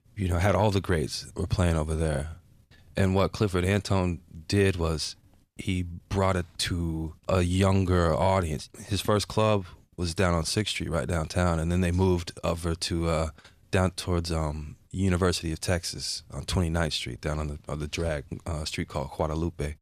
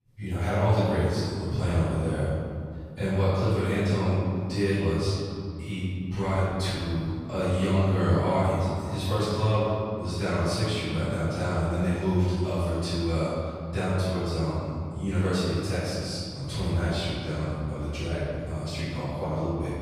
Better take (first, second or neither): first